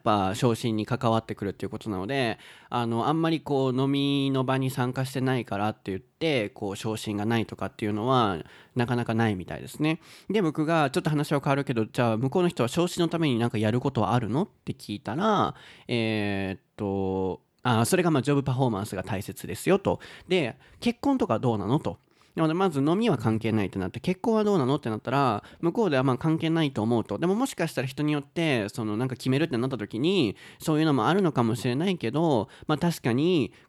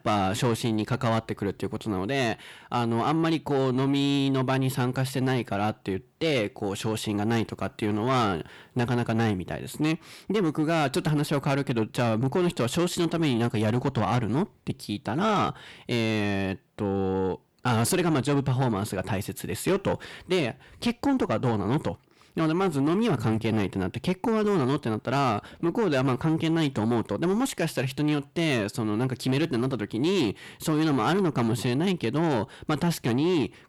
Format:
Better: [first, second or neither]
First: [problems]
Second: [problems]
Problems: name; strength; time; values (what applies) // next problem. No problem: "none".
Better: first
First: none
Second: distortion; slight; 10 dB below the speech